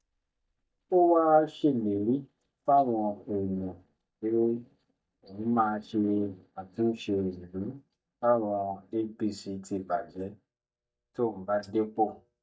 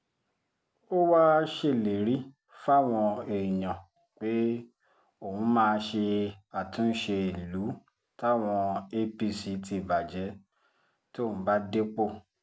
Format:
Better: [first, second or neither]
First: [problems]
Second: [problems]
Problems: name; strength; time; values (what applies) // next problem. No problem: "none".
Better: second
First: noise reduction (neural mask model DeepFilterNet 3)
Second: none